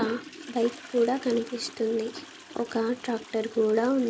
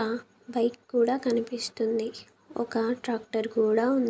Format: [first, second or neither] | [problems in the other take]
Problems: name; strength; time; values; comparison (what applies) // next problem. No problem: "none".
second | background sound (Toilet flush); 15 dB below the speech